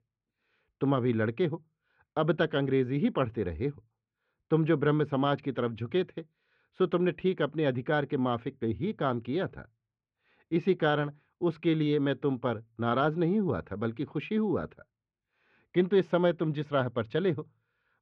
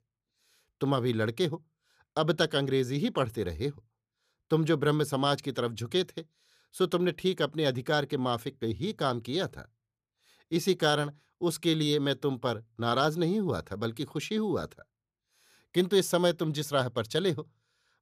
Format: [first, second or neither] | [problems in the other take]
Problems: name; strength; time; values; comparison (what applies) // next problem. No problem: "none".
second | muffled; very; fading above 2.5 kHz